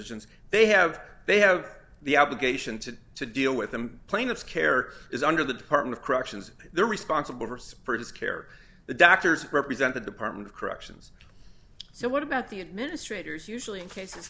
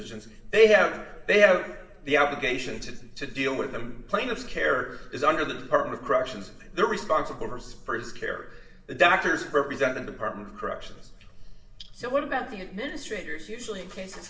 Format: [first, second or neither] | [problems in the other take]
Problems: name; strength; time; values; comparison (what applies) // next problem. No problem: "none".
first | room echo; dies away in 0.7 s